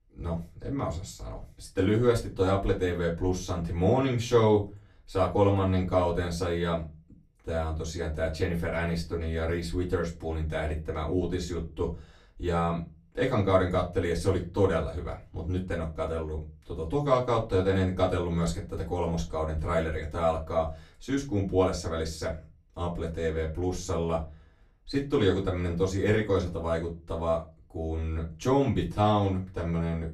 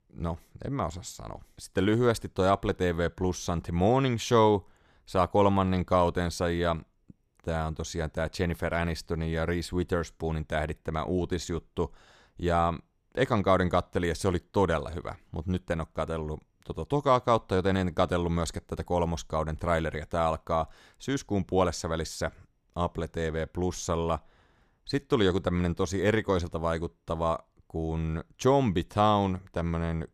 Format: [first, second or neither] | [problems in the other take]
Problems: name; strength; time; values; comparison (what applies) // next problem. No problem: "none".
second | off-mic speech; far // room echo; very slight; dies away in 0.2 s